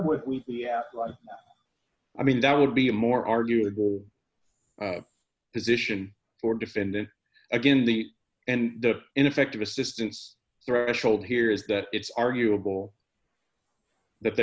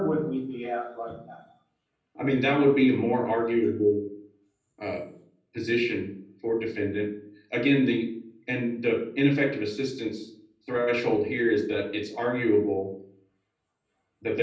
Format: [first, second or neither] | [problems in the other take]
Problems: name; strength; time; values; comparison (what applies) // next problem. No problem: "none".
first | room echo; dies away in 0.6 s